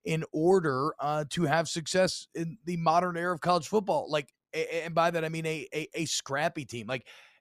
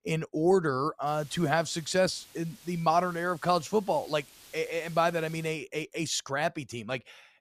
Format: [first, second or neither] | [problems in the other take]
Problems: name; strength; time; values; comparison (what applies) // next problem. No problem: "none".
first | hiss; faint; from 1 to 5.5 s; 20 dB below the speech